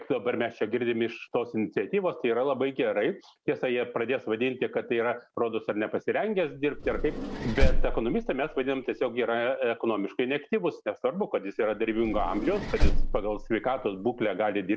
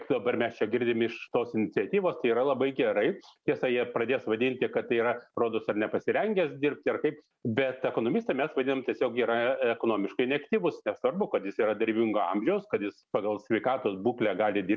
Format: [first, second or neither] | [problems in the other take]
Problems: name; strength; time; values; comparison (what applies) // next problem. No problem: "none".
second | background sound (Vehicle); 1 dB above the speech